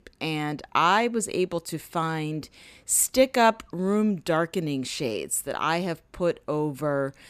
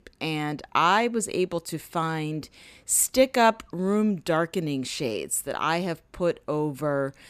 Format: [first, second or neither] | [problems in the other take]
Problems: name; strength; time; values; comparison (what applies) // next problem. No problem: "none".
neither | none